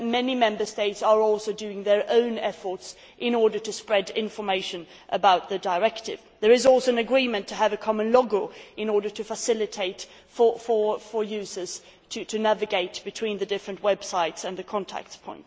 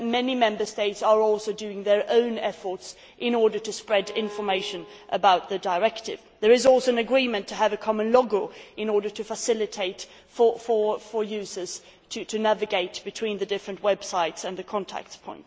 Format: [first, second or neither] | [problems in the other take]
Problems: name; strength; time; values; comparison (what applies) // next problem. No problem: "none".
first | background sound (Bowed string instrument); 17 dB below the speech